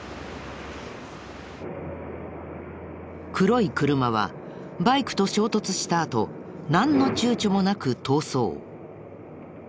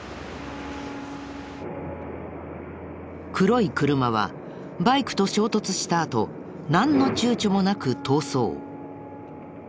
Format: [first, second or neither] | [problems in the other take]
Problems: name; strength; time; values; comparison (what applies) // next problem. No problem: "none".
first | background sound (Wind instrument, woodwind instrument); 17 dB below the speech